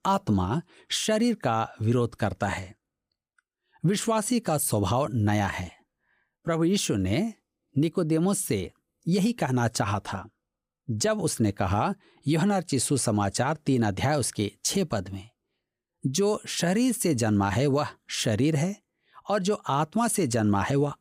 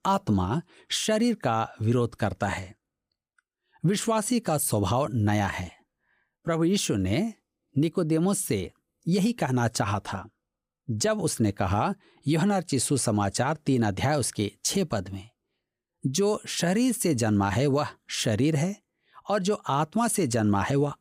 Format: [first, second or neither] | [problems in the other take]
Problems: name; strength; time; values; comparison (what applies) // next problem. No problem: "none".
neither | none